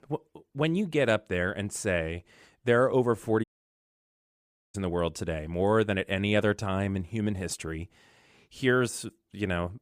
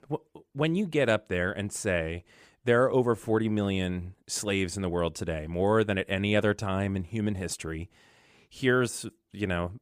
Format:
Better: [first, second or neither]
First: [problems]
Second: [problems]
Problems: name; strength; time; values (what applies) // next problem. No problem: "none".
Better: second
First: audio cutting out; at 3.5 s for 1.5 s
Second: none